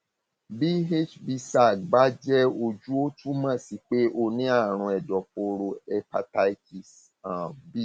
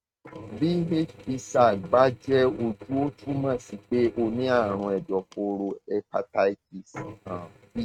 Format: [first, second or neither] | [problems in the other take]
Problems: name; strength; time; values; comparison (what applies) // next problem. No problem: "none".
first | noise reduction (neural mask model RNNoise)